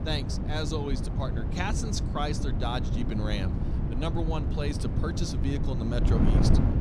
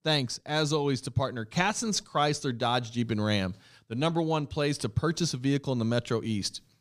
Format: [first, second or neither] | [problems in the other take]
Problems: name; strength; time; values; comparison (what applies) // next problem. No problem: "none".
second | wind noise on the microphone; heavy; 3 dB below the speech